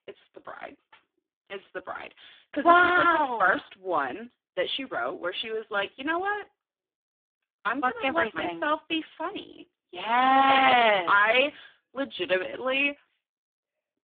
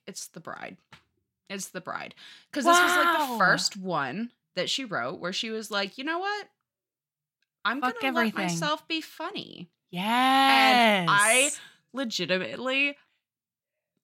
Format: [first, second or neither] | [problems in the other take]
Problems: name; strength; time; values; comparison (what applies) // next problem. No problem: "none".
second | phone-call audio; poor line